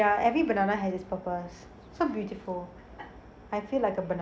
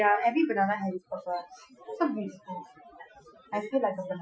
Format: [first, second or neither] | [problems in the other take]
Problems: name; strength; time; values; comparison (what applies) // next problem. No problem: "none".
first | noise reduction (classical method Wiener filter)